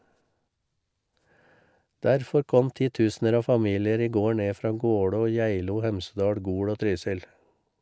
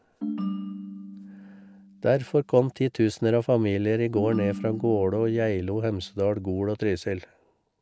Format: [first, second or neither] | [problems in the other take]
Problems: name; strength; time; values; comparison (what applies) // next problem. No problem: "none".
first | background sound (Ringtone); 11 dB below the speech